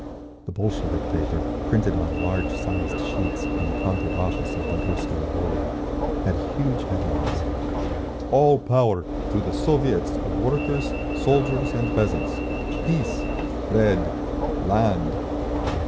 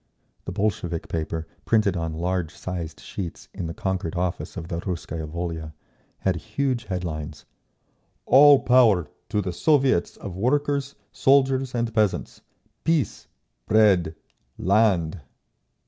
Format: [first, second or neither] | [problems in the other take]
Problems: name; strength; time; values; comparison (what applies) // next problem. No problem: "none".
second | background sound (Alarm / Engine / Train); 1 dB below the speech